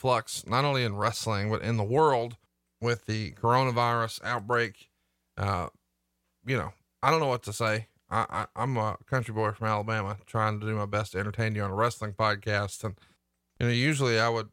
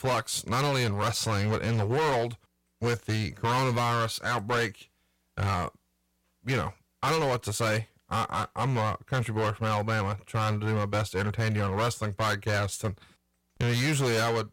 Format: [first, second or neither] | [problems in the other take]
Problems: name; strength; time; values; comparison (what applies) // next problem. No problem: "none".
first | distortion; heavy; 18% of the sound clipped